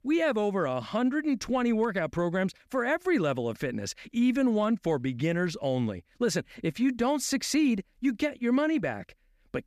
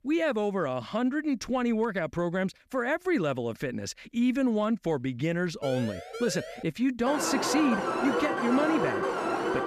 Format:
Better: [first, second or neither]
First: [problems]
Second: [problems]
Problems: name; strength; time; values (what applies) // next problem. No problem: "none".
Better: first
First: none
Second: siren; noticeable; from 5.5 to 6.5 s; peak 9 dB below the speech // alarm; loud; from 7 s on; peak level with the speech